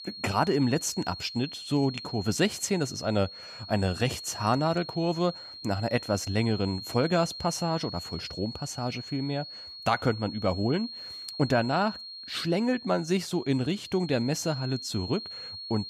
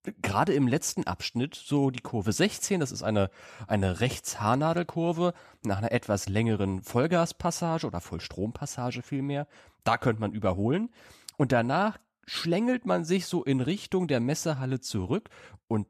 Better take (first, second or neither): second